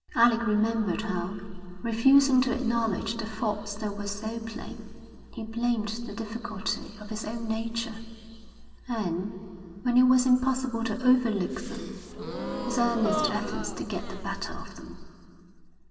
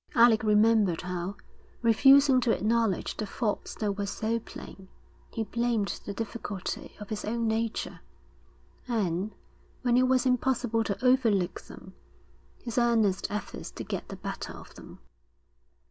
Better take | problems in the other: second | background sound (Gasp); 7 dB below the speech // room echo; dies away in 2.7 s

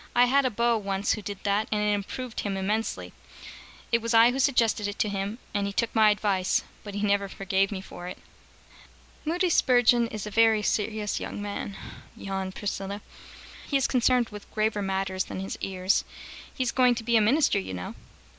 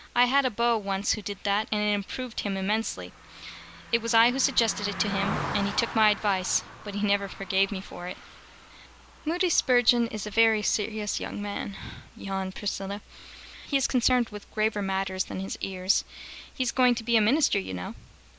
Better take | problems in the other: first | background sound (Car passing by); 15 dB below the speech

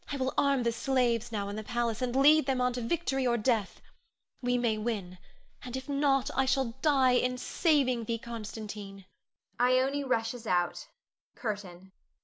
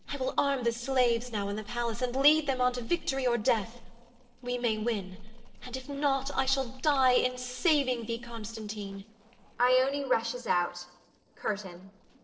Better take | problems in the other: first | noise reduction (neural separator model SepFormer DNS4)

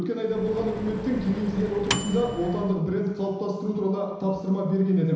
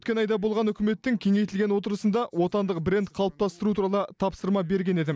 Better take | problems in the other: second | background sound (Microwave oven); 8 dB below the speech // room echo; dies away in 1 s

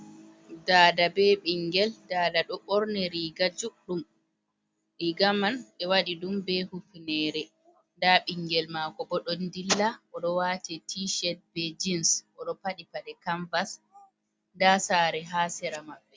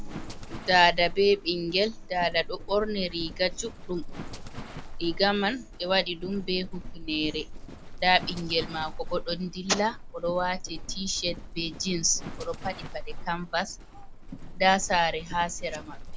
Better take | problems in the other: first | background sound (Livestock, farm animals, working animals); 8 dB below the speech

